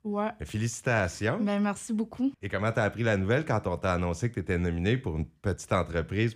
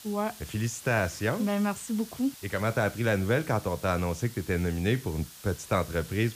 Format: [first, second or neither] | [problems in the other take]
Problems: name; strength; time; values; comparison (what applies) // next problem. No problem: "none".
first | hiss; noticeable; throughout; 15 dB below the speech